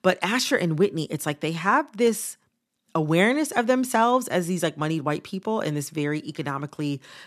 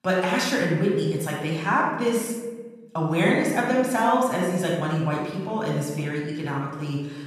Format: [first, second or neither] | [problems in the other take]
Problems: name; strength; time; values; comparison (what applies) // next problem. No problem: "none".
first | off-mic speech; far // room echo; noticeable; dies away in 1.1 s